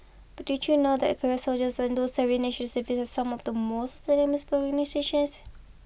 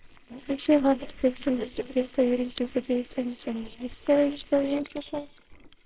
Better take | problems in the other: first | noise reduction (neural separator model SepFormer WHAMR!)

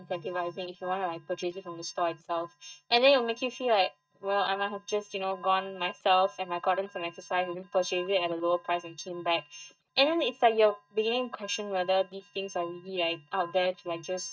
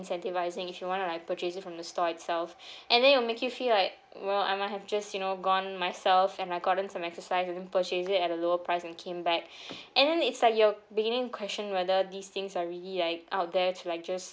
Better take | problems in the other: second | noise reduction (neural mask model DeepFilterNet 3)

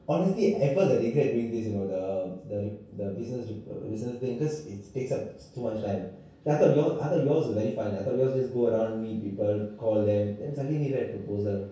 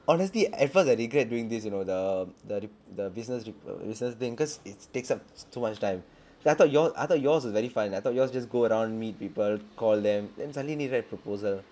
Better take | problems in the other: second | room echo; dies away in 0.6 s

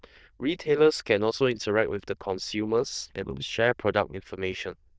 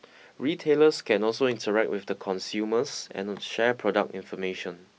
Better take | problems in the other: second | noise reduction (neural diffusion model UNIVERSE++)

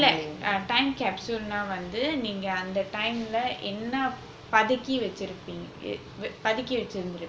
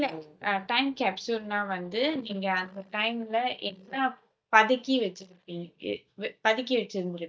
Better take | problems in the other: first | noise reduction (neural mask model DeepFilterNet 3)

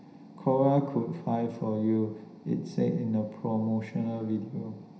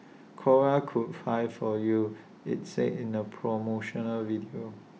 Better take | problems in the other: second | room echo; dies away in 0.9 s

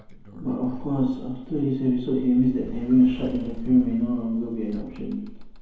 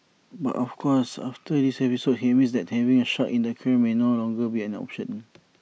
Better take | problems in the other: second | background sound (Sliding door); 13 dB below the speech // room echo; dies away in 2.2 s

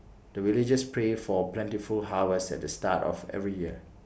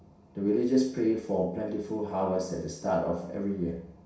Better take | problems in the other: first | room echo; dies away in 0.6 s

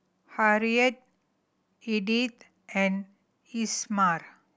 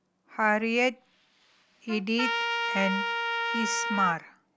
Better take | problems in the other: first | background sound (Trumpet); 2 dB below the speech

